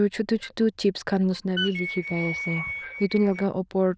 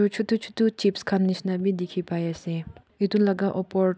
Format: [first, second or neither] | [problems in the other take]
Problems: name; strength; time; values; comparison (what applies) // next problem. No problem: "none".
second | noise reduction (neural diffusion model UNIVERSE++)